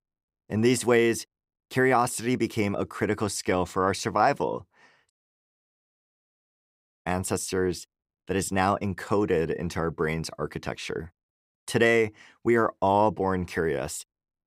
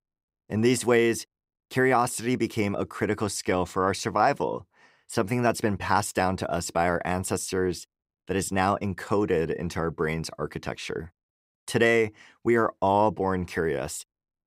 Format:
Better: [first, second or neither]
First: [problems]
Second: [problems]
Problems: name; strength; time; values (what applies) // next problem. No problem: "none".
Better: second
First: audio cutting out; at 5 s for 2 s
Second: none